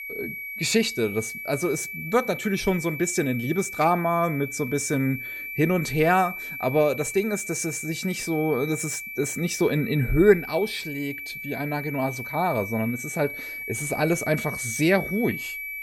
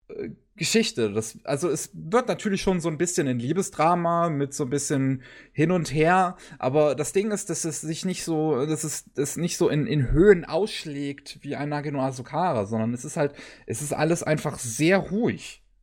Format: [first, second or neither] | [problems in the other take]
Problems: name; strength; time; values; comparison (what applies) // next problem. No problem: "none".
second | high-pitched whine; loud; throughout; 2.5 kHz, 8 dB below the speech